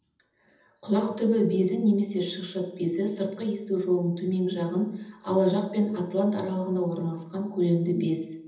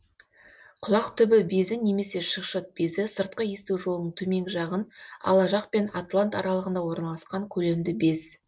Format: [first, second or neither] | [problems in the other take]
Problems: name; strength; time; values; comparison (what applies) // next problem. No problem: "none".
second | room echo; dies away in 0.8 s